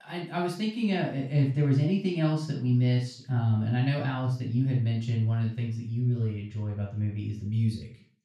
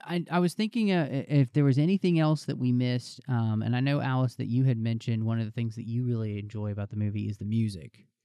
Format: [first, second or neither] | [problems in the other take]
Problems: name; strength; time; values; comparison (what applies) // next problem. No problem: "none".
second | room echo; noticeable; dies away in 0.3 s // off-mic speech; far